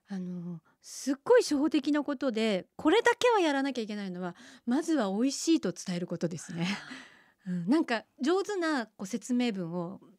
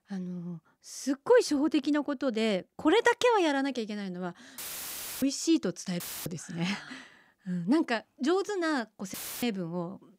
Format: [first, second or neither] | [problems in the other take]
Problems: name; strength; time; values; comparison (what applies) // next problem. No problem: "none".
first | audio cutting out; filled with static; at 4.5 s for 0.5 s, at 6 s and at 9 s